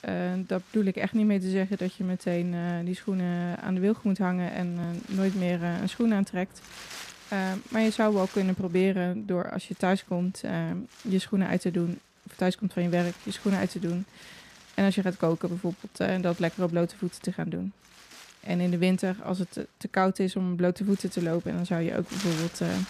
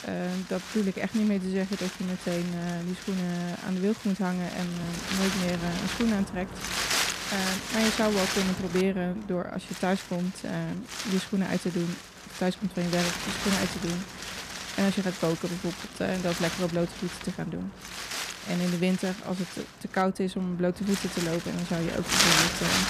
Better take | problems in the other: first | wind noise on the microphone; heavy; 2 dB above the speech; occasional gusts in the first

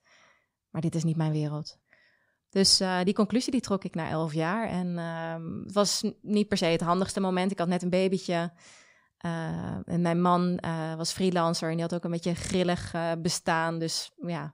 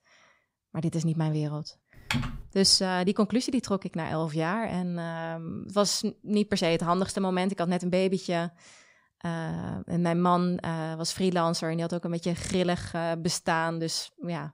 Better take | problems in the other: first | keyboard typing; noticeable; at 2 s; peak 3 dB below the speech

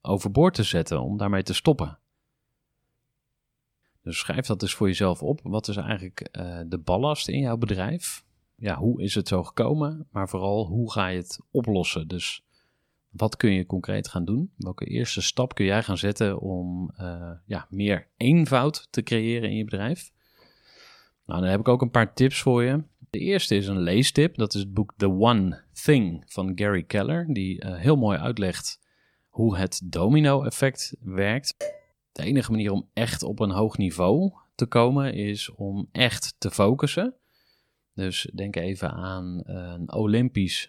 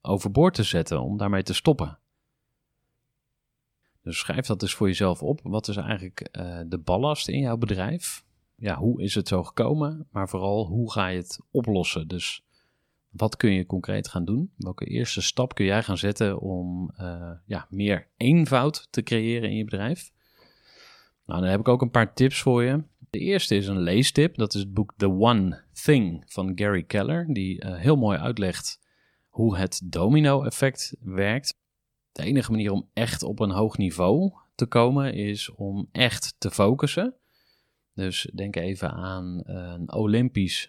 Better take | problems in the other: second | clattering dishes; faint; at 32 s; peak 10 dB below the speech

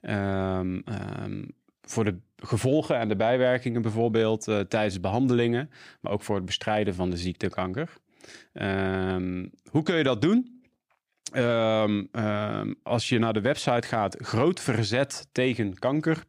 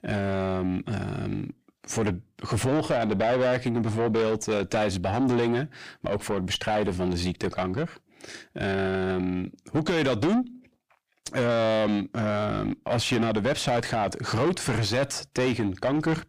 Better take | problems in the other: first | distortion; heavy; 6 dB below the speech

